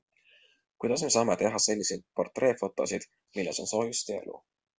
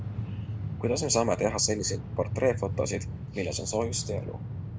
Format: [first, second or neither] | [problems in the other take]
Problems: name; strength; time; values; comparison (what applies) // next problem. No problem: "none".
first | background sound (Train); 4 dB below the speech